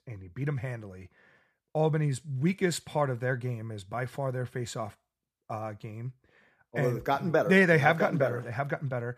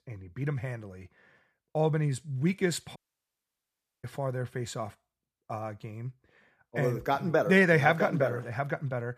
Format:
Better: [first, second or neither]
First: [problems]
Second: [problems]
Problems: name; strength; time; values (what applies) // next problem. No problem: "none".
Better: first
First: none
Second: audio cutting out; at 3 s for 1 s